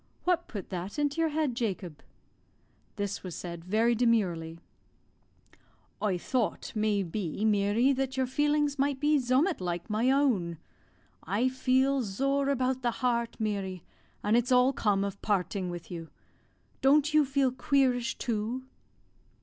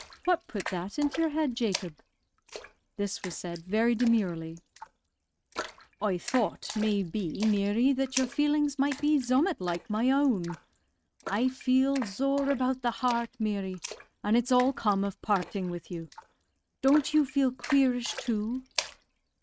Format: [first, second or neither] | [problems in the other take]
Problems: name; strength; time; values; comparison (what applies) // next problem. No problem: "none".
first | noise reduction (neural mask model RNNoise)